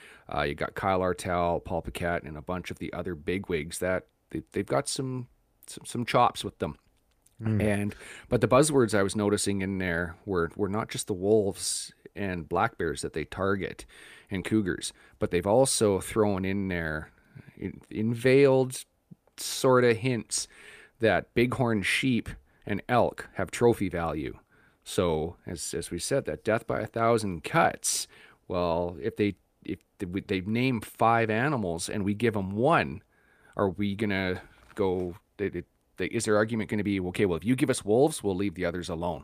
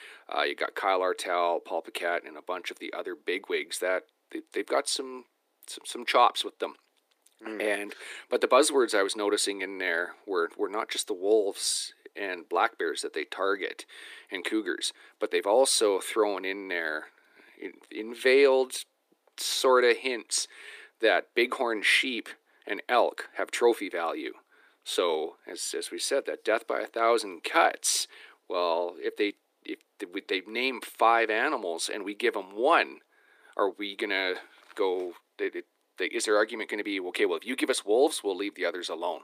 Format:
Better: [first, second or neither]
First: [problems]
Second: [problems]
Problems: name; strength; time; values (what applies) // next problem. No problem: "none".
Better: first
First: none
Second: thin; somewhat; fading below 300 Hz